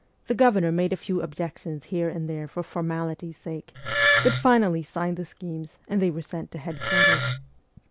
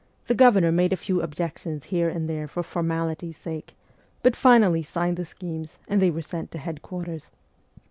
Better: second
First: background sound (Wood); 3 dB above the speech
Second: none

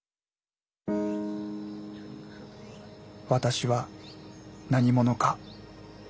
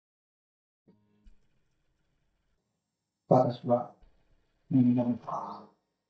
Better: first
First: none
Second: noise reduction (neural mask model DeepFilterNet 3)

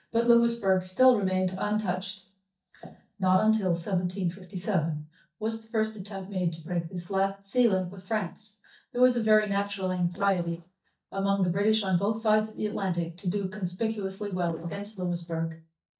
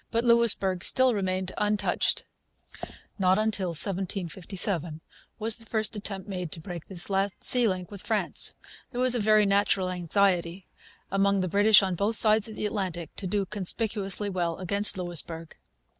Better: second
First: noise reduction (neural mask model DeepFilterNet 3)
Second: none

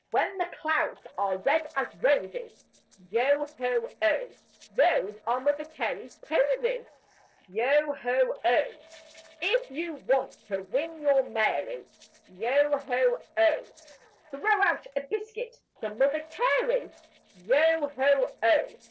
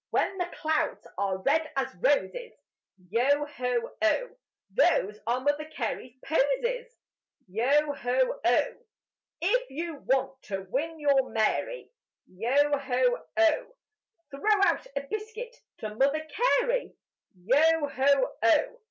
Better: second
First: noise reduction (neural separator model SepFormer DNS4)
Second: none

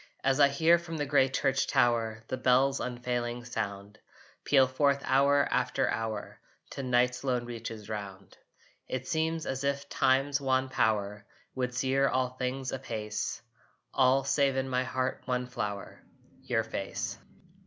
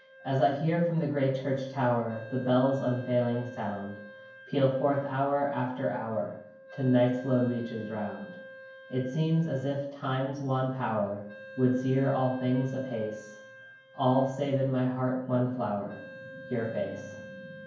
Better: first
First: none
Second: background sound (Wind instrument, woodwind instrument); 18 dB below the speech // room echo; dies away in 0.9 s

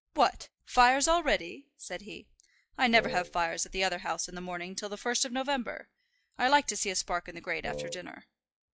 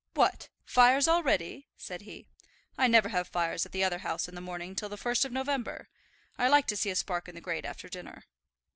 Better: second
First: noise reduction (classical method log-MMSE)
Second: none

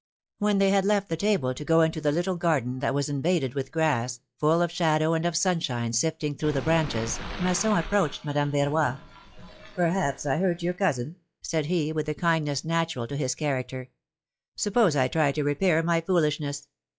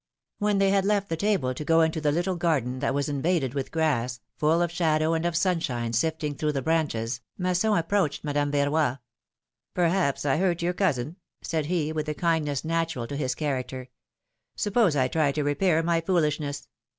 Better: second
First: noise reduction (classical method log-MMSE)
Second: none

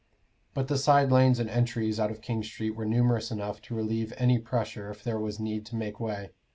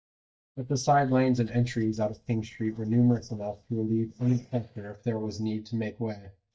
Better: first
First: none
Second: noise reduction (neural mask model DeepFilterNet 3)

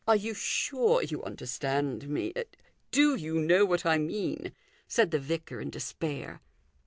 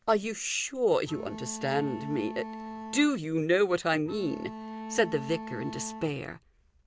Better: first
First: none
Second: background sound (Bowed string instrument); 10 dB below the speech

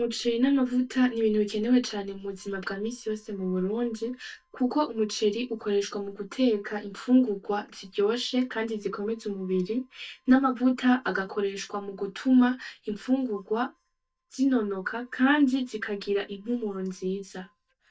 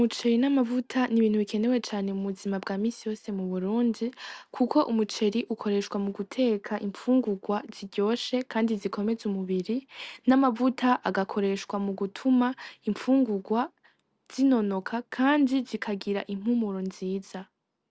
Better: second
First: noise reduction (neural mask model DeepFilterNet 3)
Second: none

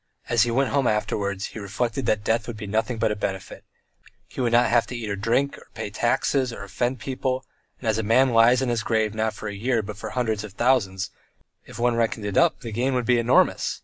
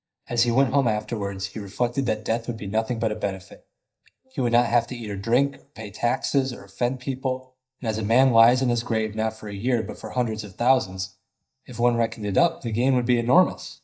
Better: first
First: none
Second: noise reduction (neural mask model DeepFilterNet 3)

